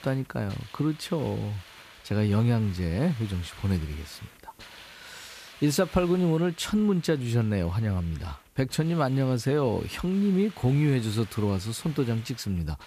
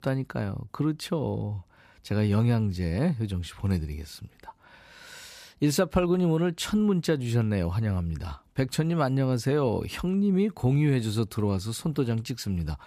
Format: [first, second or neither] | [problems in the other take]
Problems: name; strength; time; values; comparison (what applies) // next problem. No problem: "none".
second | hiss; faint; throughout; 20 dB below the speech